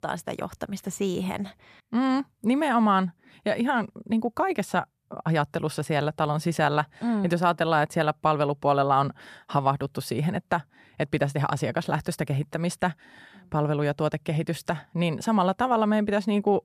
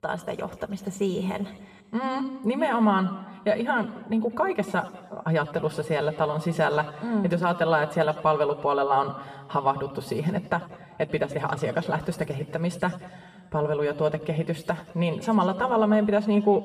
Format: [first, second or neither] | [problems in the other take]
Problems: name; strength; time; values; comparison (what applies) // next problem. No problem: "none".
first | room echo; slight; dies away in 1.3 s // off-mic speech; somewhat distant